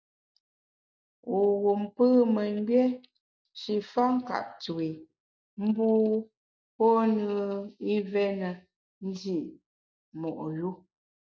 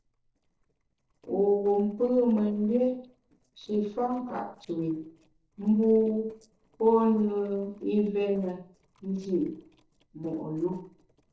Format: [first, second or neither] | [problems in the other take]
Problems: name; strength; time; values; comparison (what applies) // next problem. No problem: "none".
first | noise reduction (neural separator model SepFormer DNS4)